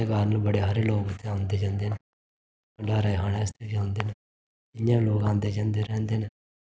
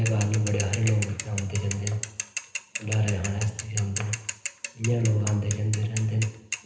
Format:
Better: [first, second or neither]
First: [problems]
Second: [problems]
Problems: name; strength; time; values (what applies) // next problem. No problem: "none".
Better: first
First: none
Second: background sound (Mechanisms / Bicycle); 9 dB below the speech // room echo; dies away in 0.9 s